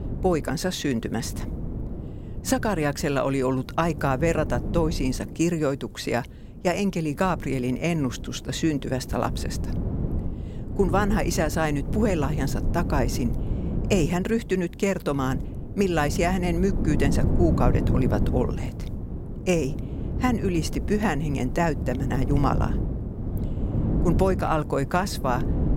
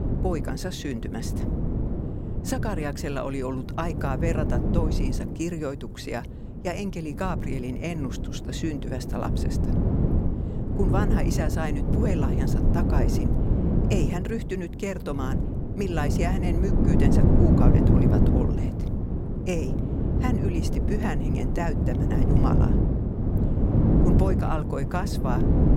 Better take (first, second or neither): first